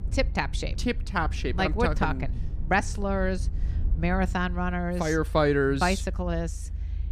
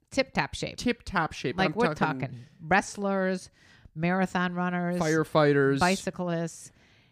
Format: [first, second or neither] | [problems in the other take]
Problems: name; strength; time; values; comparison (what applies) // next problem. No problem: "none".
second | low rumble; faint; throughout; 25 dB below the speech